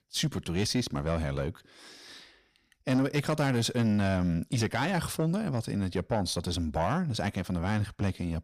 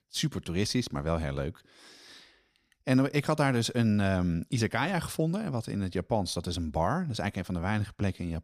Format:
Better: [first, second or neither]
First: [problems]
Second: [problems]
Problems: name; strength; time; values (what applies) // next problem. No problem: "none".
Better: second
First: distortion; slight; 10 dB below the speech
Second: none